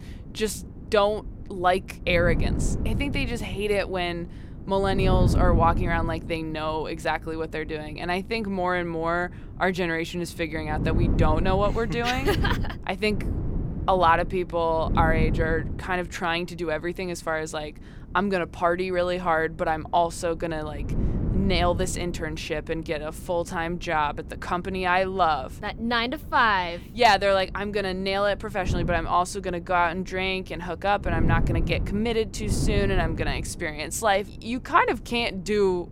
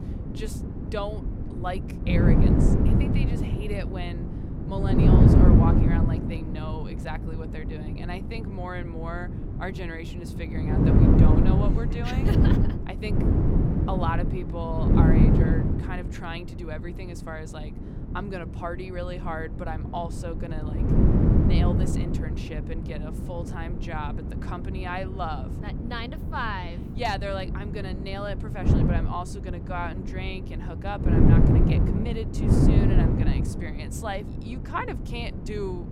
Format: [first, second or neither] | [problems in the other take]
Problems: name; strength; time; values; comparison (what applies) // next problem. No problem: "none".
first | wind noise on the microphone; heavy; 2 dB above the speech; occasional gusts in the first